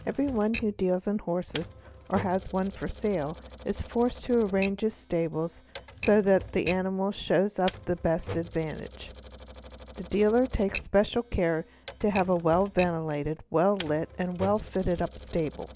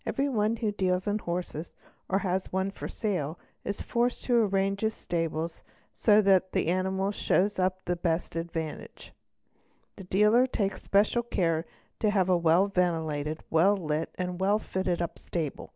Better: second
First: background sound (Typewriter); 15 dB below the speech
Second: none

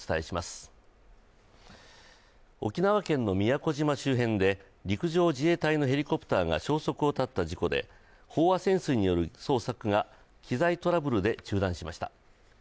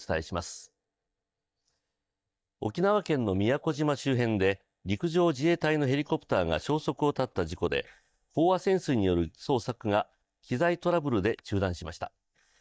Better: first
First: none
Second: noise reduction (neural mask model DeepFilterNet 3)

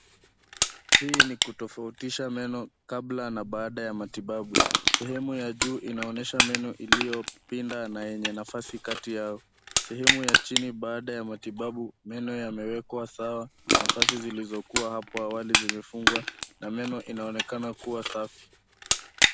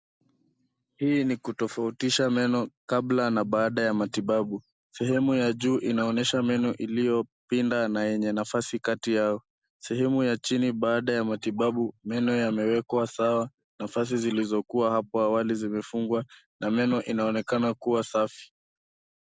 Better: second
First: background sound (Crushing); 4 dB above the speech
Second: none

